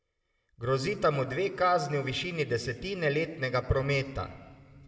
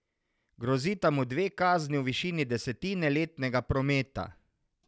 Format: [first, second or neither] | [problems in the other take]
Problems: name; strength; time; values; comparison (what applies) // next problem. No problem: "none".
second | room echo; dies away in 1.5 s